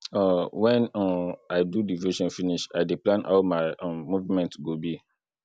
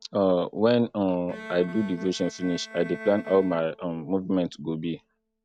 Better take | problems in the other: first | noise reduction (neural mask model RNNoise)

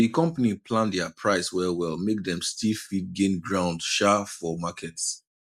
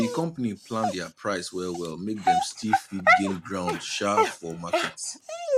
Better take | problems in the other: first | background sound (Dog); 3 dB above the speech

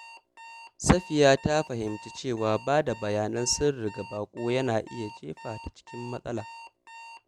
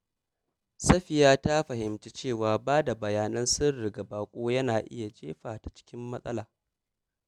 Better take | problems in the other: second | background sound (Alarm); 18 dB below the speech

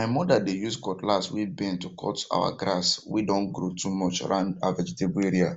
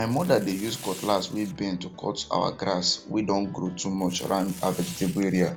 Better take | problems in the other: first | background sound (Tearing + Piano); 17 dB below the speech

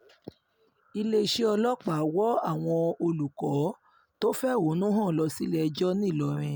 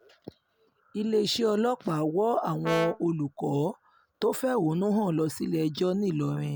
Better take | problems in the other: first | background sound (Brass instrument); 9 dB below the speech

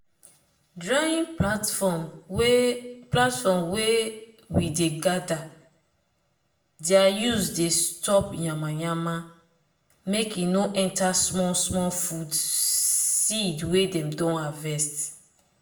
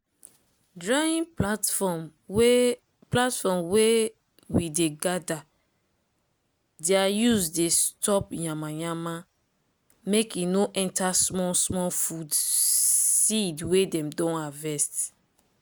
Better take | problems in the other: second | room echo; dies away in 0.5 s

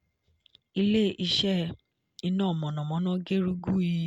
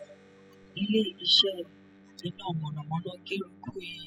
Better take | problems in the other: first | noise reduction (classical method spectral subtraction)

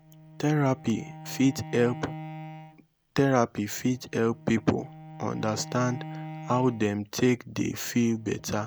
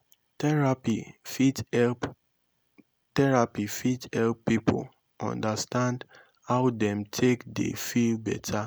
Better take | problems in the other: second | background sound (Bowed string instrument); 15 dB below the speech

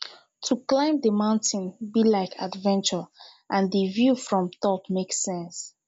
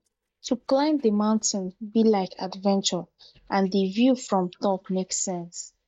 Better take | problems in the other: first | noise reduction (neural mask model DeepFilterNet 3)

